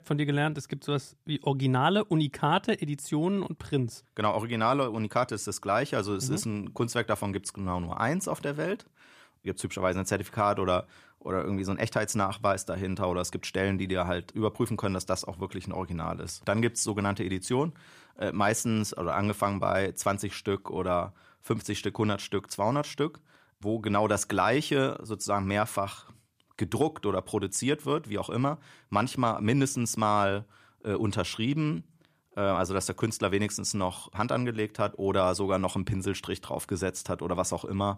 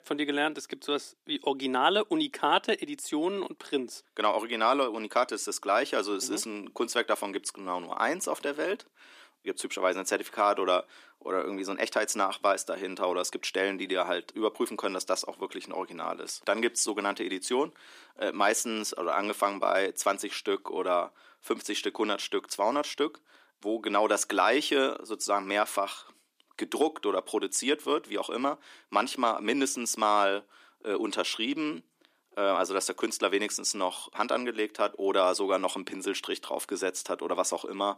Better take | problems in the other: first | thin; somewhat; fading below 300 Hz

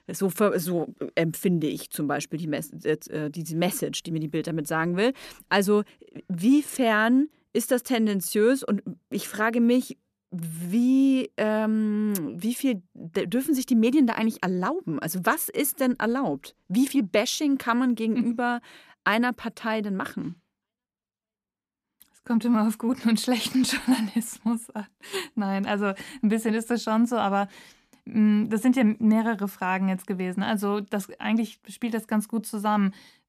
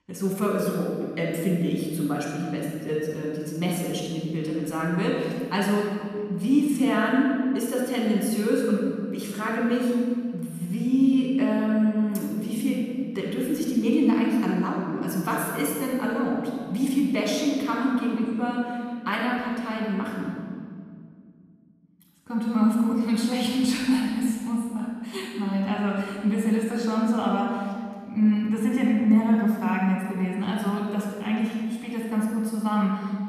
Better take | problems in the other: first | off-mic speech; far // room echo; strong; dies away in 2.1 s

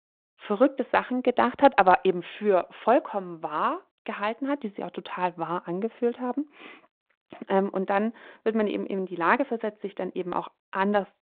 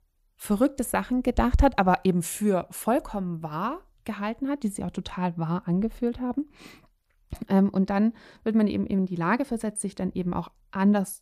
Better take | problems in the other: second | phone-call audio; nothing above 4 kHz

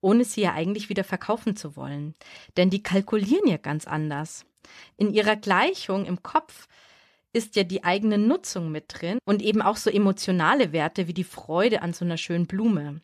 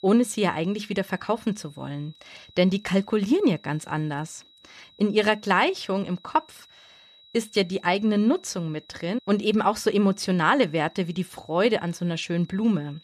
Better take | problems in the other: first | high-pitched whine; faint; throughout; 4 kHz, 25 dB below the speech

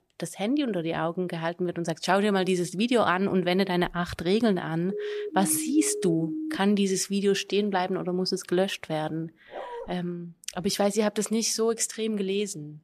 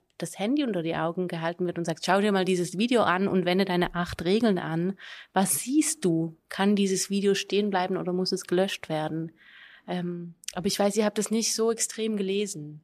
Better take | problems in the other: second | siren; noticeable; from 5 to 6.5 s; peak 6 dB below the speech // dog barking; faint; at 9.5 s; peak 10 dB below the speech

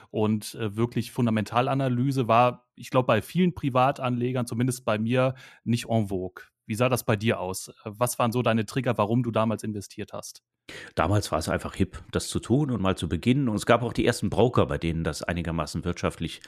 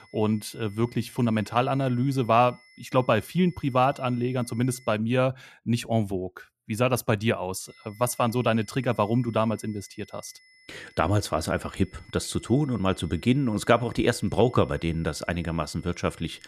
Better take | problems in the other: first | high-pitched whine; faint; until 5 s and from 7.5 s on; 2 kHz, 30 dB below the speech

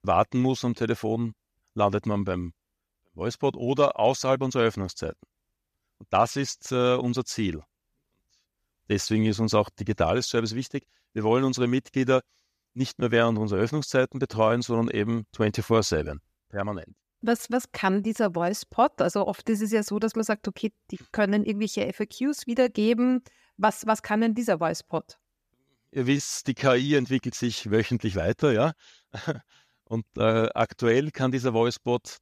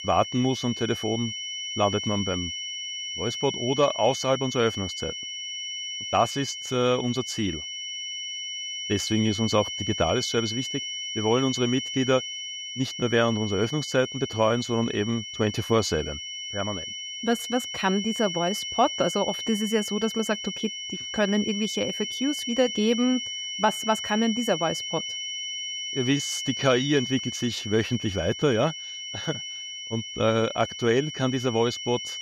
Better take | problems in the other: first | high-pitched whine; loud; throughout; 3 kHz, 5 dB below the speech

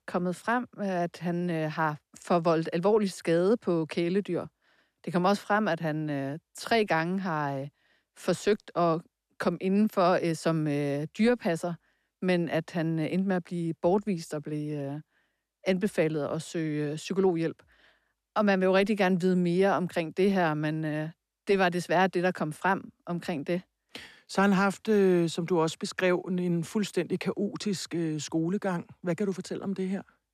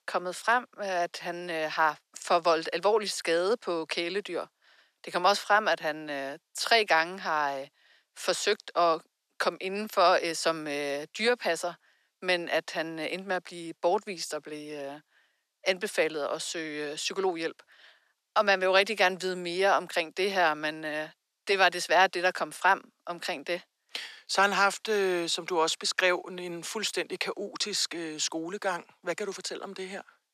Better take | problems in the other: first | thin; very; fading below 600 Hz

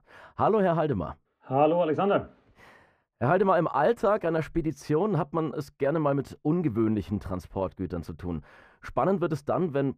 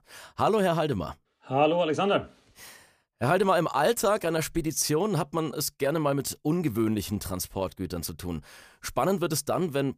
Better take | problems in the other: second | muffled; very; fading above 3.5 kHz

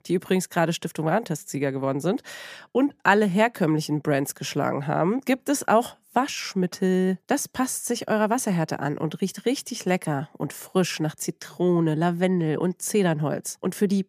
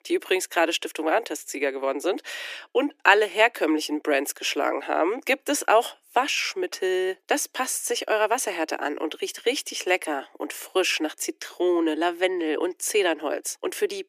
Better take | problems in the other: first | thin; somewhat; fading below 300 Hz

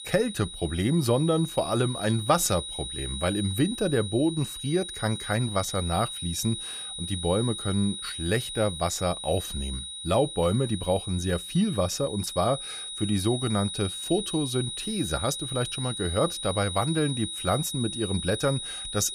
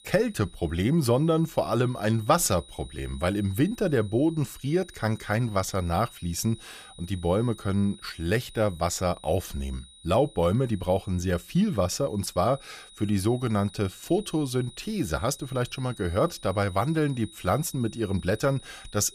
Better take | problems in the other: second | high-pitched whine; loud; throughout; 4 kHz, 6 dB below the speech; faint in the second

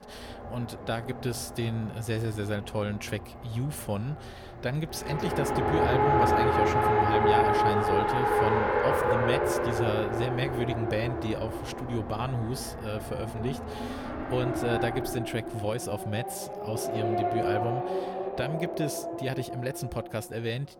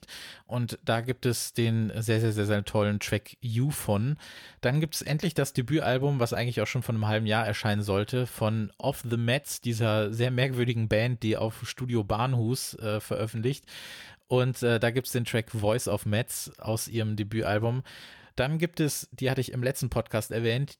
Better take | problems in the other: second | traffic noise; very loud; throughout; 4 dB above the speech

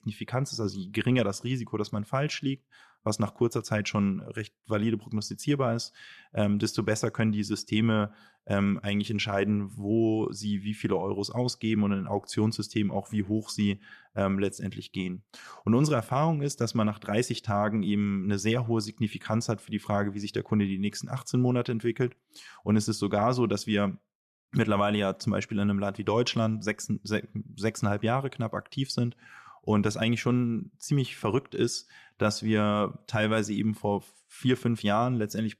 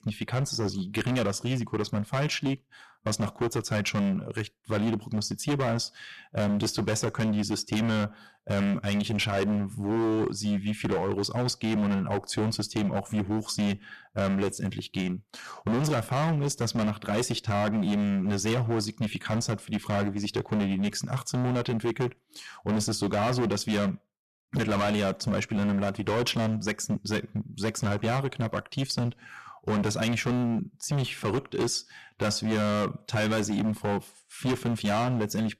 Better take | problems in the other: first | distortion; heavy; 20% of the sound clipped

